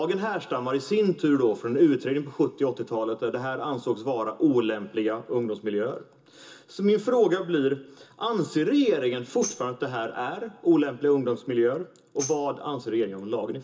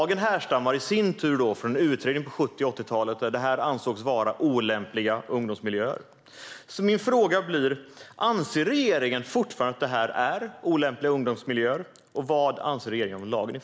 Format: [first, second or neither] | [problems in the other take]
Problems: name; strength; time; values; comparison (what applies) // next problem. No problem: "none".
second | background sound (Tambourine); 16 dB below the speech // room echo; dies away in 0.2 s